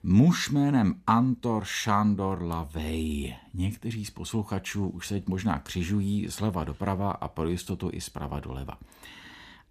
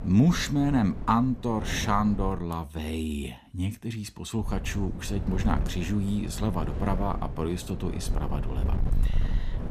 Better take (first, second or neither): first